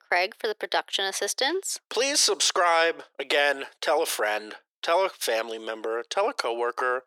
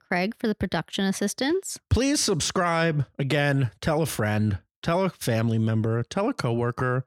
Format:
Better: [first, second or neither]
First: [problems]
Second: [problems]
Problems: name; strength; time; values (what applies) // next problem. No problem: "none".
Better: second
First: thin; very; fading below 400 Hz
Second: none